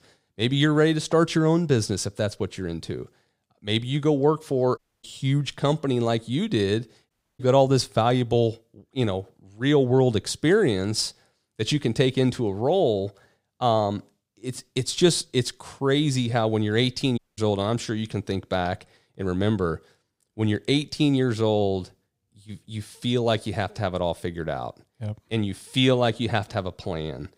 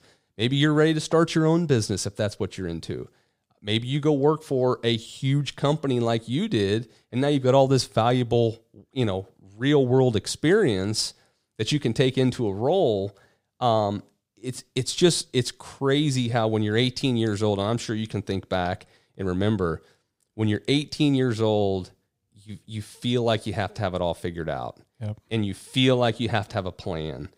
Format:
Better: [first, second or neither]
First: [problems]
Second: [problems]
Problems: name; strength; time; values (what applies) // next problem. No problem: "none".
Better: second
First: audio cutting out; at 5 s, at 7 s and at 17 s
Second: none